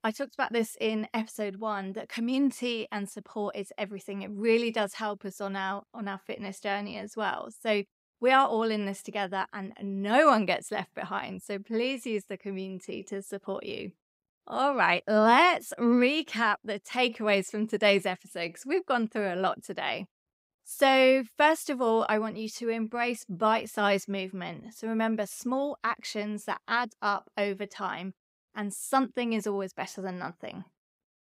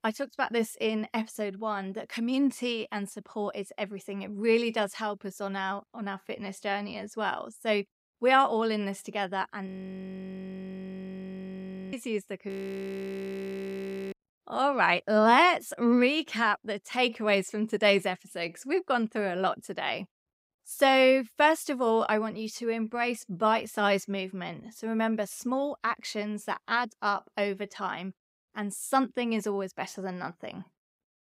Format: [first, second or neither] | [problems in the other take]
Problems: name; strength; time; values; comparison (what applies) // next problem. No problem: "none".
first | audio freezing; at 9.5 s for 2.5 s and at 12 s for 1.5 s